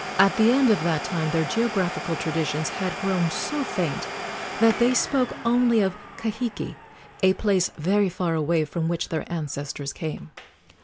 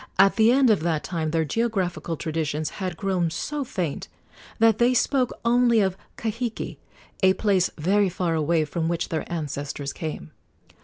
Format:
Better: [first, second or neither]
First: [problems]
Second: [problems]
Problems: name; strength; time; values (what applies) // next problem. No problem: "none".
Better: second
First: background sound (Domestic sounds, home sounds); 10 dB below the speech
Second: none